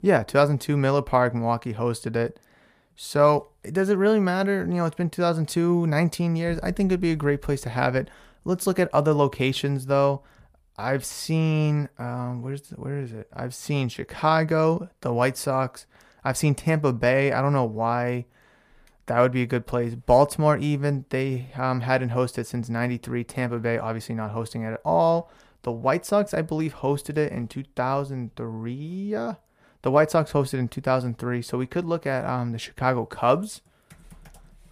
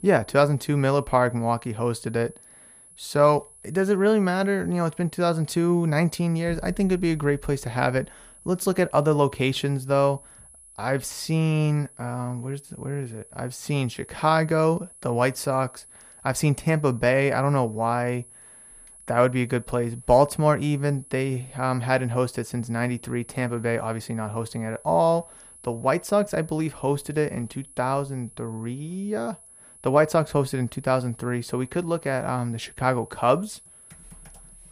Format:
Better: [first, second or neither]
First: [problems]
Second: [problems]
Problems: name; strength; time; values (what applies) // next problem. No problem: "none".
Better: first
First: none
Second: high-pitched whine; faint; throughout; 10.5 kHz, 20 dB below the speech